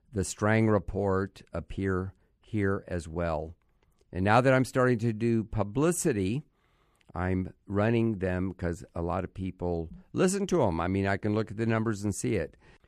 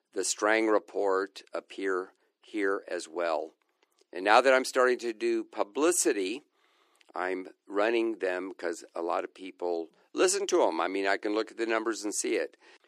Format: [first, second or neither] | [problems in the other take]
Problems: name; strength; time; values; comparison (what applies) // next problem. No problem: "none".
first | thin; very; fading below 300 Hz